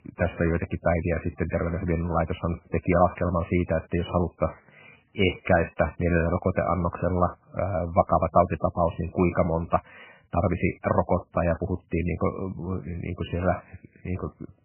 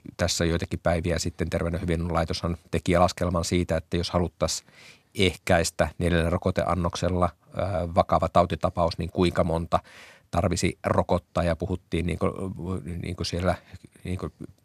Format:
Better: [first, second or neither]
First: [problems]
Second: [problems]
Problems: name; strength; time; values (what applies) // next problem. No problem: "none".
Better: second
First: garbled, watery; badly; nothing above 2.5 kHz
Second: none